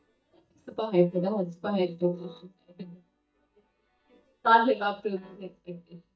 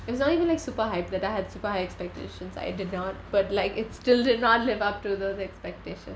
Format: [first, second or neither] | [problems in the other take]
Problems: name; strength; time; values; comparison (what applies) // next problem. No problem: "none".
second | noise reduction (neural mask model DeepFilterNet 3)